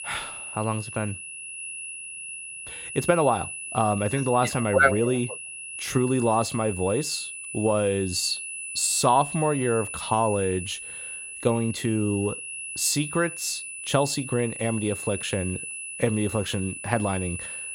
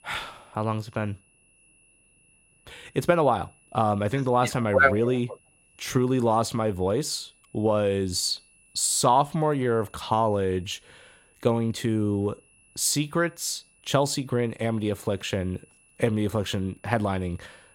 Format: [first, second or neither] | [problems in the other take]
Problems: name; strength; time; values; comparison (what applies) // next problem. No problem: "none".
second | high-pitched whine; loud; throughout; 10 kHz, 8 dB below the speech; faint in the second